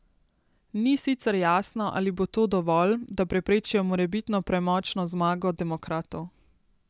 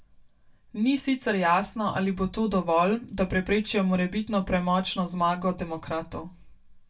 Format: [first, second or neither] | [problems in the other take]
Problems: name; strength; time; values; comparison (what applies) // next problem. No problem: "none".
first | room echo; dies away in 0.2 s